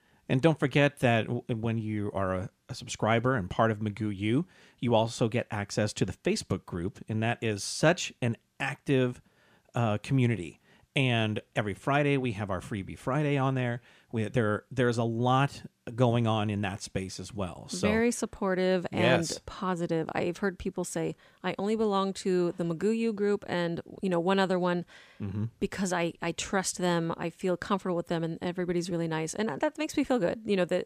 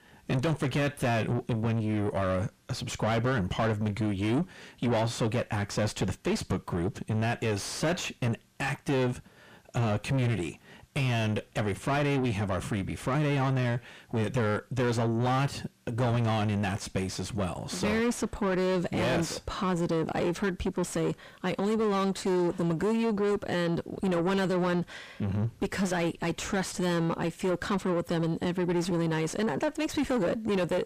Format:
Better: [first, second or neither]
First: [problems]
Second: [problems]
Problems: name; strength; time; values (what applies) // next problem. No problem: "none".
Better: first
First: none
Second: distortion; heavy; 5 dB below the speech